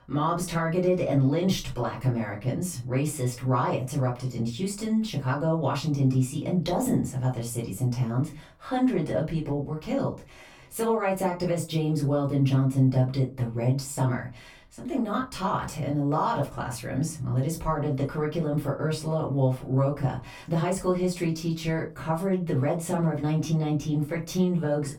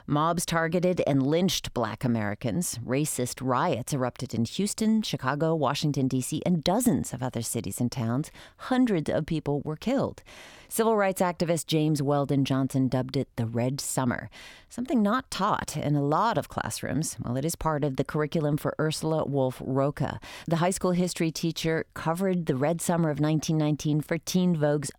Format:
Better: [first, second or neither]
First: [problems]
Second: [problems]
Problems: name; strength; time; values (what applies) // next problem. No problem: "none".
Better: second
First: off-mic speech; far // room echo; very slight; dies away in 0.2 s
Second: none